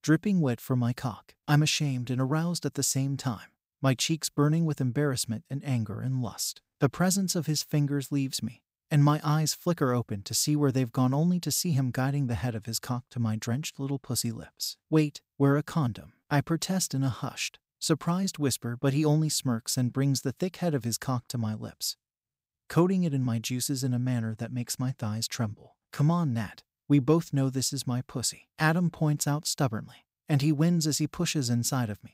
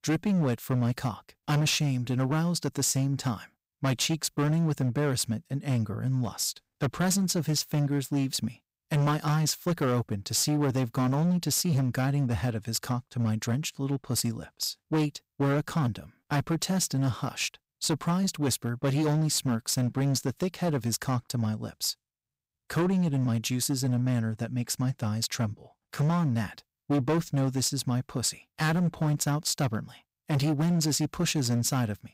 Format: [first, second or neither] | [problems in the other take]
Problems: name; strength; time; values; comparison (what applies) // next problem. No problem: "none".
first | distortion; slight; 13% of the sound clipped